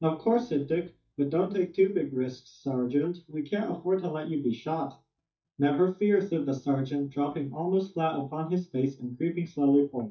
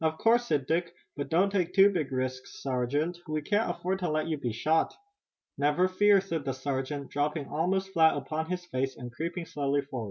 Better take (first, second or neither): second